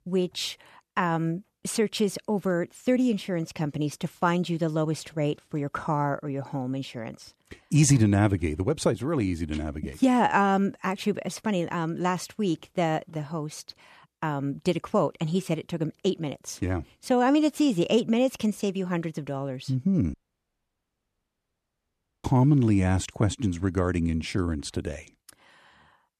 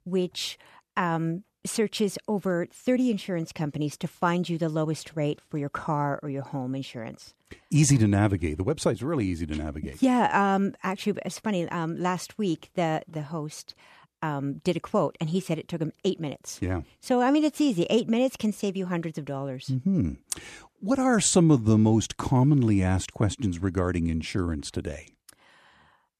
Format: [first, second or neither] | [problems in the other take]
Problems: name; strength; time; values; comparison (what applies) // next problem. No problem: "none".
second | audio cutting out; at 20 s for 2 s